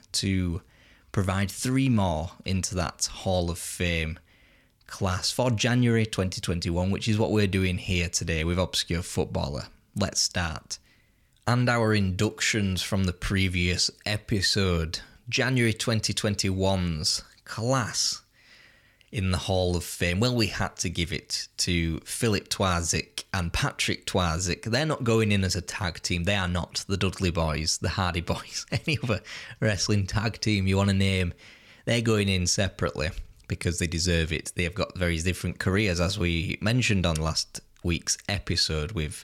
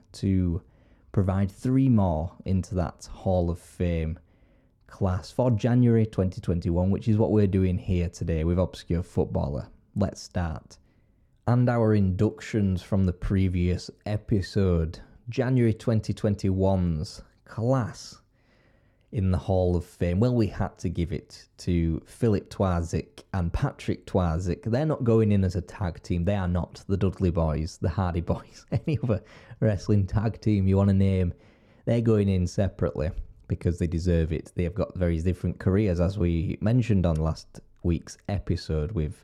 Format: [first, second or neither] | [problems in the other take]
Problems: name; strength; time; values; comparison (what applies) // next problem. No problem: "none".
first | muffled; very; fading above 1.5 kHz